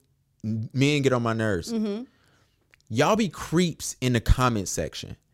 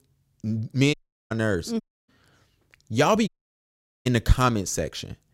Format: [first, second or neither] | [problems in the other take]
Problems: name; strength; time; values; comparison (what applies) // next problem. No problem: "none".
first | audio cutting out; at 1 s, at 2 s and at 3.5 s for 1 s